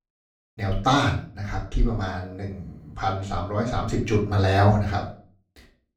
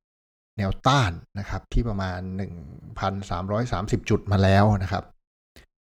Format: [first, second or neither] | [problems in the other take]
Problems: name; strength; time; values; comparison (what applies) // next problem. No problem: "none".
second | off-mic speech; far // room echo; slight; dies away in 0.3 s